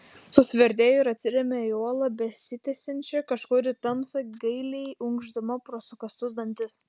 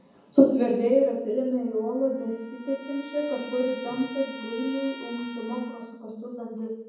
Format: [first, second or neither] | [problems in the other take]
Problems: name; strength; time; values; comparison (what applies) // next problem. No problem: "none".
first | background sound (Trumpet); 19 dB below the speech // room echo; dies away in 1.2 s